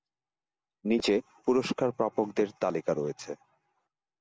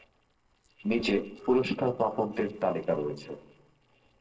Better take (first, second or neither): first